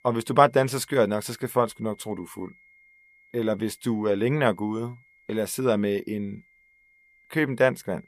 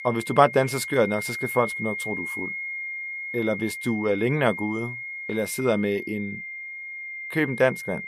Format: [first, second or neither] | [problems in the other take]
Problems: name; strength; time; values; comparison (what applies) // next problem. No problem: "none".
first | high-pitched whine; loud; throughout; 2 kHz, 7 dB below the speech; faint in the first